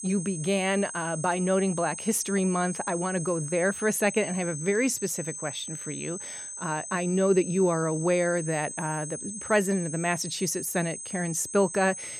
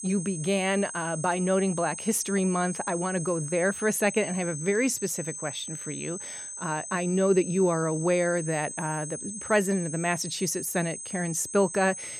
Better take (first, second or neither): neither